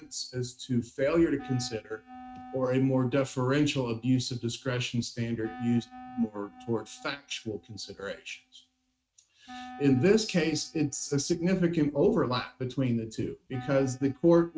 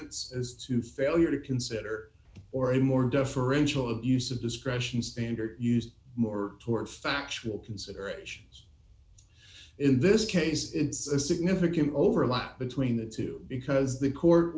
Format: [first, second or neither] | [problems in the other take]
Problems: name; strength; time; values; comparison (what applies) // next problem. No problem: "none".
second | noise reduction (neural mask model RNNoise)